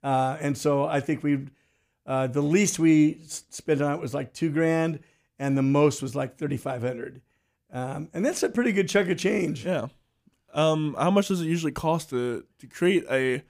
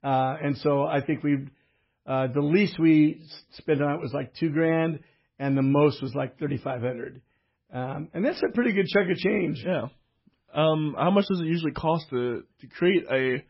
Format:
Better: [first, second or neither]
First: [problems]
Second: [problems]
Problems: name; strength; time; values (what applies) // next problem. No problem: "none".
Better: first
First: none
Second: garbled, watery; badly; nothing above 5.5 kHz